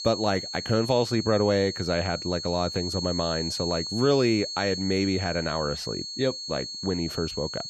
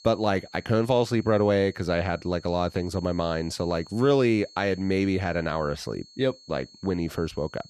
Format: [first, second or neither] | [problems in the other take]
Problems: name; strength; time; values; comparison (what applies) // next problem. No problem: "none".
second | high-pitched whine; loud; throughout; 4.5 kHz, 6 dB below the speech; faint in the second